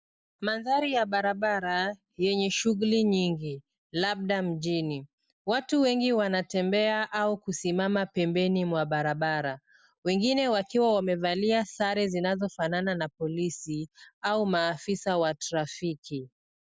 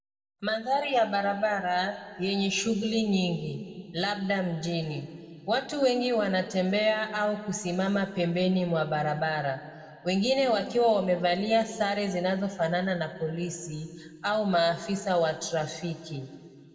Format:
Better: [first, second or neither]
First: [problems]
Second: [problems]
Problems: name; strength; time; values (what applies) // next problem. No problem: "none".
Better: first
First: none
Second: room echo; dies away in 1.7 s